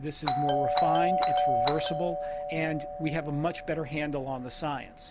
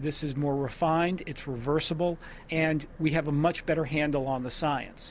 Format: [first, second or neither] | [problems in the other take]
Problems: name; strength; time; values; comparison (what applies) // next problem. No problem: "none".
second | background sound (Doorbell); 2 dB above the speech